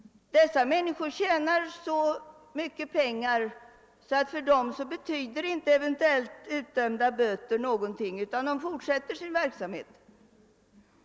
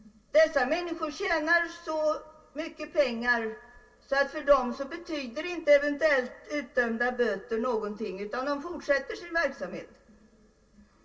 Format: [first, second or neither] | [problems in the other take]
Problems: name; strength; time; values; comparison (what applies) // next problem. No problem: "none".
first | room echo; dies away in 0.2 s